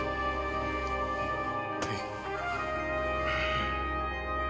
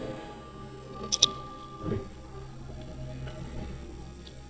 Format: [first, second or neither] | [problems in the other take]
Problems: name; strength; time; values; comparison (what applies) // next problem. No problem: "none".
first | noise reduction (neural mask model DeepFilterNet 3)